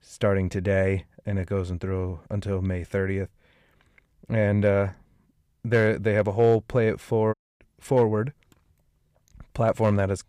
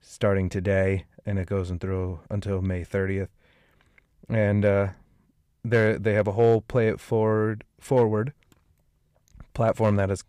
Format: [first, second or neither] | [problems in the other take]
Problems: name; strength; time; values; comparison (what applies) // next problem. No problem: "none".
second | audio cutting out; at 7.5 s